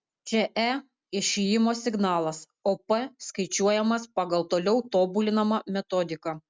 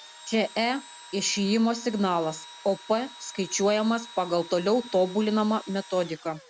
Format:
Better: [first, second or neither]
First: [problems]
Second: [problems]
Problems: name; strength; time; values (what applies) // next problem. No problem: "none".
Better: first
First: none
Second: background sound (Engine / Drill); 19 dB below the speech